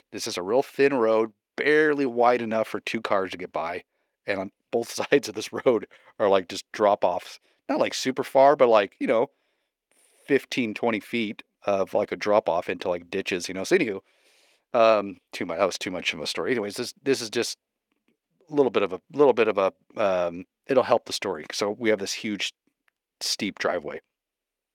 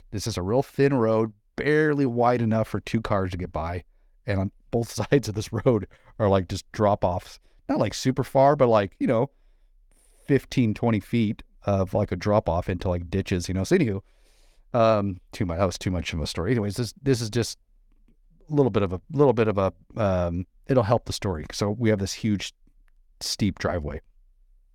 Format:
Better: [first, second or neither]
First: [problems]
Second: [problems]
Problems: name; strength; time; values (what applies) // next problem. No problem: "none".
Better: second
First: thin; somewhat; fading below 350 Hz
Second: none